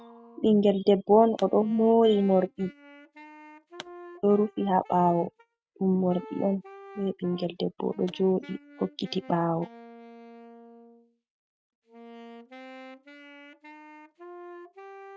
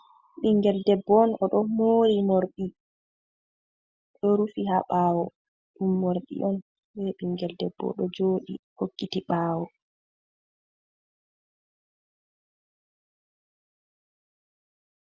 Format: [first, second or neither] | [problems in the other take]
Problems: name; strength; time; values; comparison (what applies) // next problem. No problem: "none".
second | noise reduction (neural mask model RNNoise)